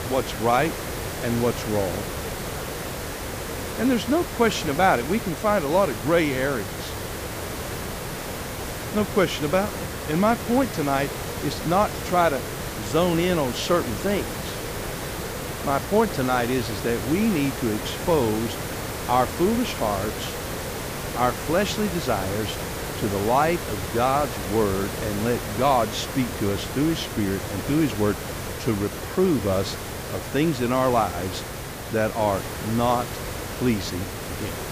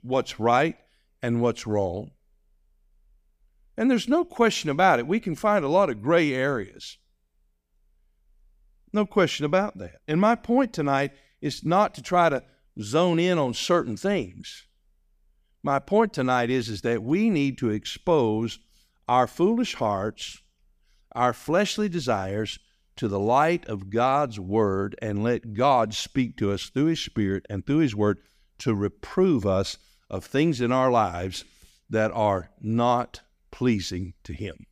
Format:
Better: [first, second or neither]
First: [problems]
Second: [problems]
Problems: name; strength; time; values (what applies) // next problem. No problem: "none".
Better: second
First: hiss; loud; throughout; 6 dB below the speech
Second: none